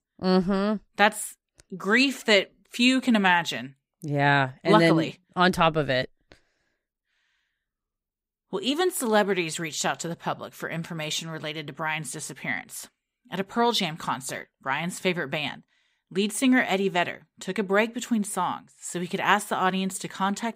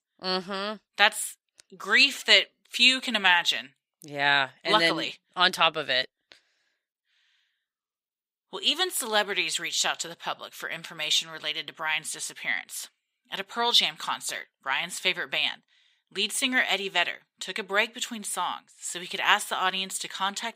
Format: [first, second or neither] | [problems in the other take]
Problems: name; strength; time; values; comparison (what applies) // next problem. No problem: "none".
first | thin; somewhat; fading below 1 kHz